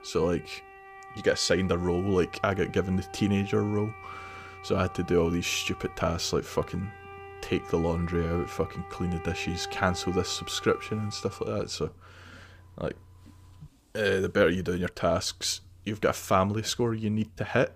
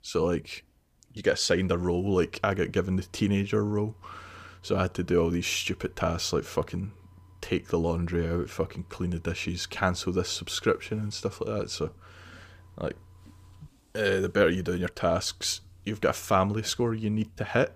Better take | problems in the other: second | background music; noticeable; until 11 s; 15 dB below the speech

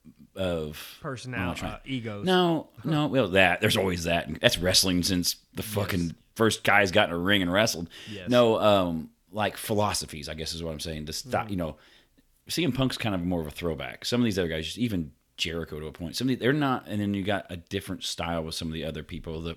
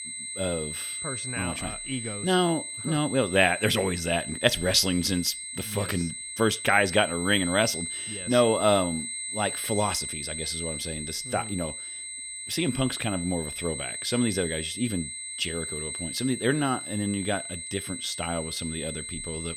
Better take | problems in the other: first | high-pitched whine; loud; throughout; 8 kHz, 6 dB below the speech

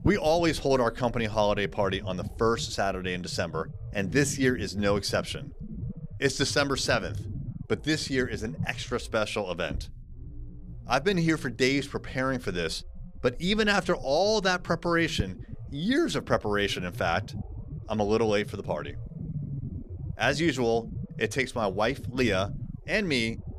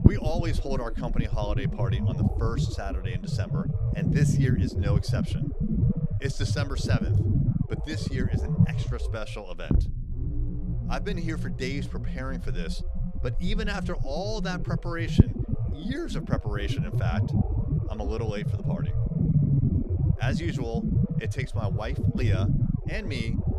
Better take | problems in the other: first | low rumble; loud; throughout; 2 dB below the speech; faint in the first

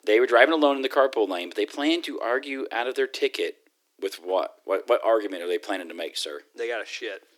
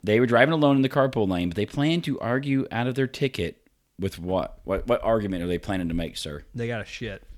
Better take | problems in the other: second | thin; somewhat; fading below 300 Hz

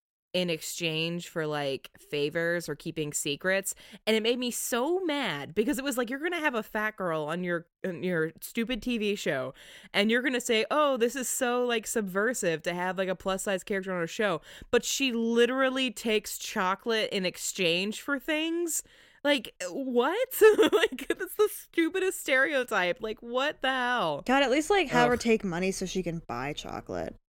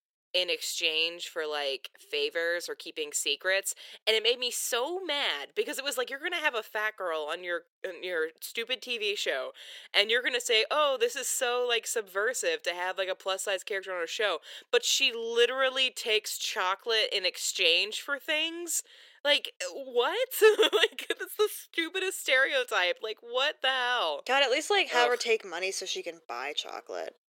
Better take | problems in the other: first | thin; very; fading below 450 Hz

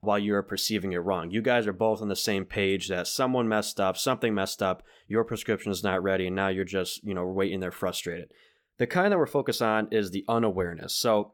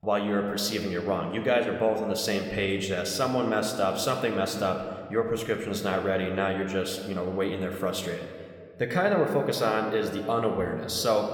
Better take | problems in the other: first | room echo; slight; dies away in 1.6 s

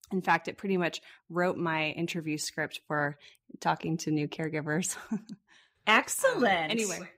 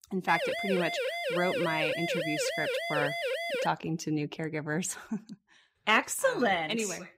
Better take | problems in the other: first | siren; noticeable; until 3.5 s; peak level with the speech

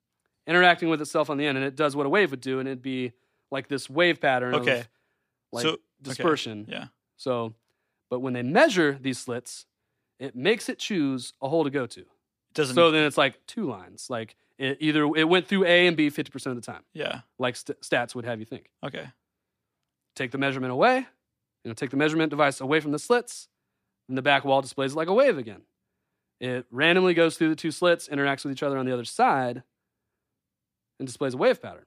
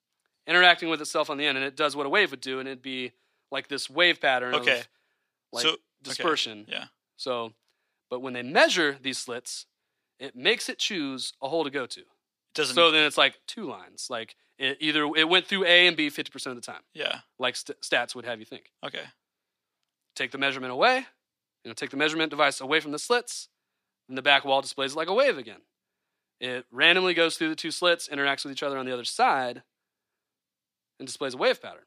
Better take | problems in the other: first | thin; very slightly; fading below 1 kHz

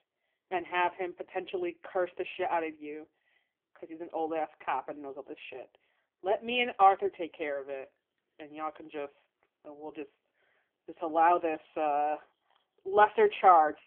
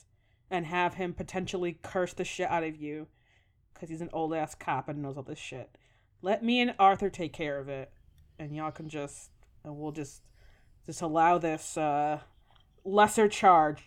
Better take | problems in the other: second | phone-call audio; poor line; nothing above 3 kHz

